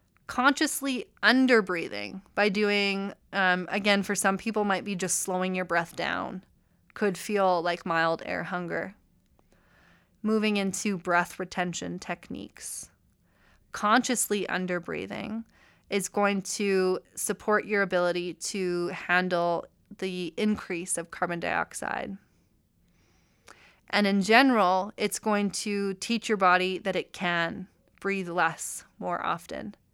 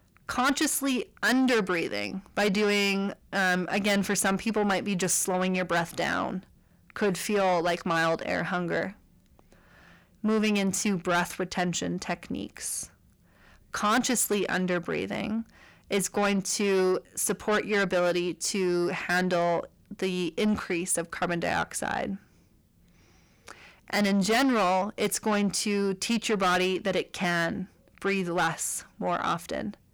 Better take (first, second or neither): first